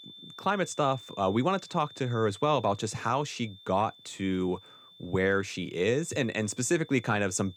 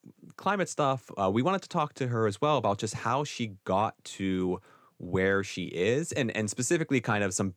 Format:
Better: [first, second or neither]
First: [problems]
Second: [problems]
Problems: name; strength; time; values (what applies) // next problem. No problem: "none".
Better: second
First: high-pitched whine; noticeable; throughout; 3.5 kHz, 20 dB below the speech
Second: none